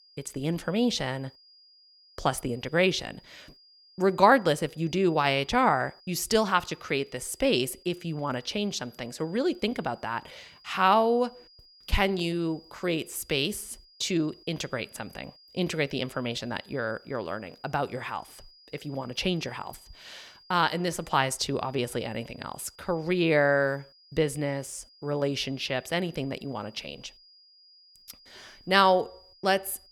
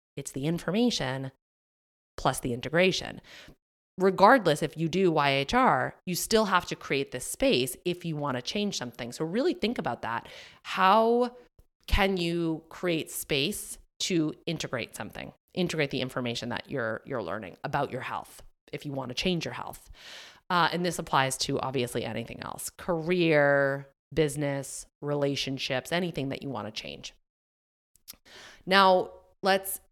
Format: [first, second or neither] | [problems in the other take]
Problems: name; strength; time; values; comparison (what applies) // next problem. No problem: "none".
second | high-pitched whine; faint; throughout; 5 kHz, 25 dB below the speech